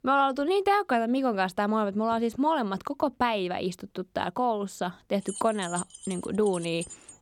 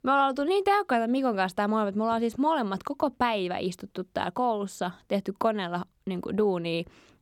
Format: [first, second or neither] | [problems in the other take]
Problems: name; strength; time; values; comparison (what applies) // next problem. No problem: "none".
second | jangling keys; noticeable; from 5.5 s on; peak 9 dB below the speech